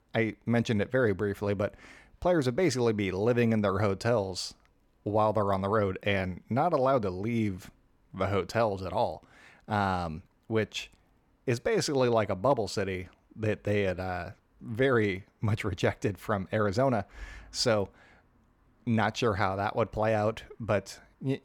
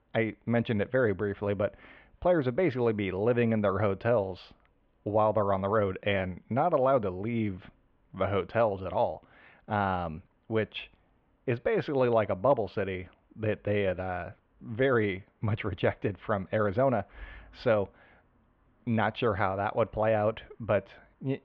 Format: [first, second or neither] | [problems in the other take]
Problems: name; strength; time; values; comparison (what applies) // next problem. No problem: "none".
first | muffled; very; fading above 3.5 kHz